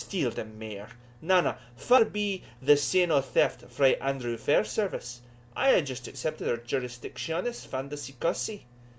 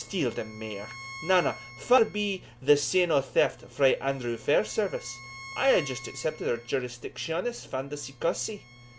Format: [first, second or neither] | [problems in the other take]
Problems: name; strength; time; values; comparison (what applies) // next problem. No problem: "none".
first | background sound (Bowed string instrument); 19 dB below the speech